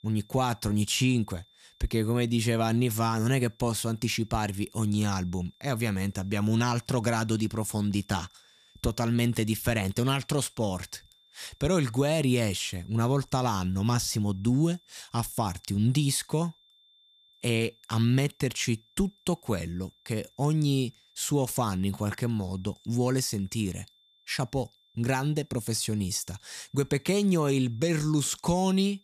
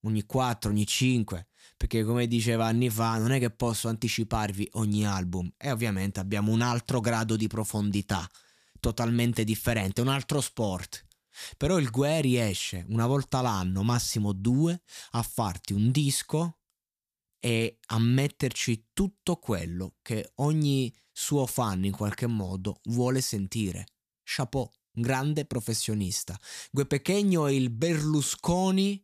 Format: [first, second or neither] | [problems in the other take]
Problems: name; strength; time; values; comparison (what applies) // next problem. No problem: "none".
second | high-pitched whine; faint; throughout; 3.5 kHz, 30 dB below the speech